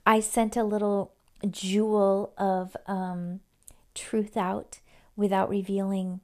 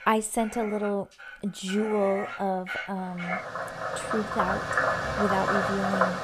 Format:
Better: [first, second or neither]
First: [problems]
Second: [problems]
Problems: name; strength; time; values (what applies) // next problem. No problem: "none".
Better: first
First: none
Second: animal sounds; loud; throughout; as loud as the speech